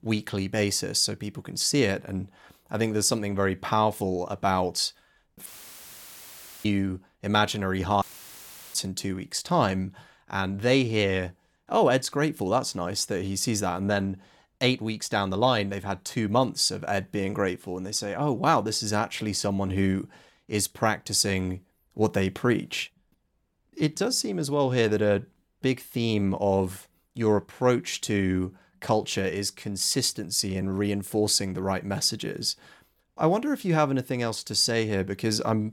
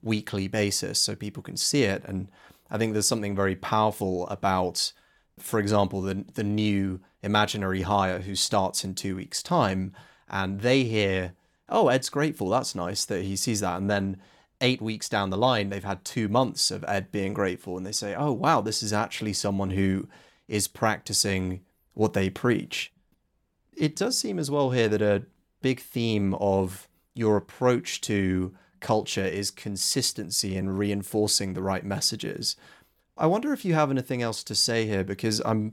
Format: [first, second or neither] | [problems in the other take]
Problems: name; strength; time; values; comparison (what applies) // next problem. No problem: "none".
second | audio cutting out; filled with static; at 5.5 s for 1 s and at 8 s for 0.5 s